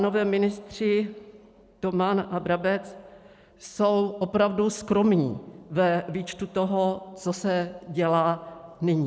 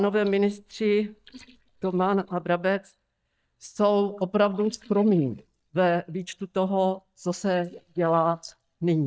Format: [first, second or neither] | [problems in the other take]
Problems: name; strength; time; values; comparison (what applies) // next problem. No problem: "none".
first | noise reduction (neural mask model DeepFilterNet 3)